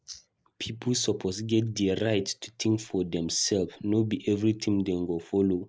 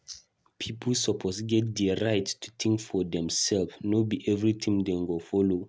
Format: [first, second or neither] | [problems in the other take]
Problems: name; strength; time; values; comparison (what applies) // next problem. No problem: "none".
second | noise reduction (neural mask model Resemble Enhance denoiser)